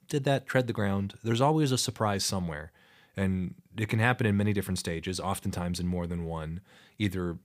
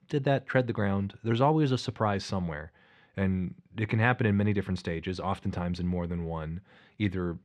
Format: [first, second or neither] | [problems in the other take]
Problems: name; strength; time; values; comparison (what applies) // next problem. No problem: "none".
first | muffled; slightly; fading above 3 kHz